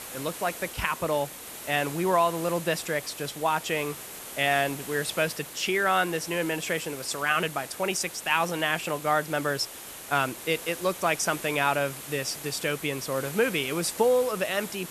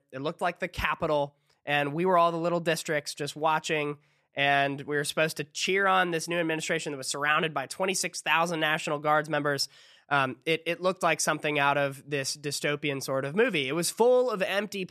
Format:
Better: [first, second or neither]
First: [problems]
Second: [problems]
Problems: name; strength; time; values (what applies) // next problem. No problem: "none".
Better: second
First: hiss; noticeable; throughout; 10 dB below the speech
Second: none